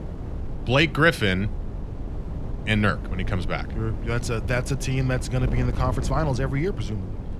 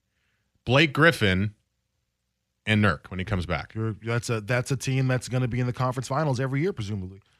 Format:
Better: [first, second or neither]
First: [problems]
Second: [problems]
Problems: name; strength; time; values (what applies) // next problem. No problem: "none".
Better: second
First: wind noise on the microphone; occasional gusts; 15 dB below the speech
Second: none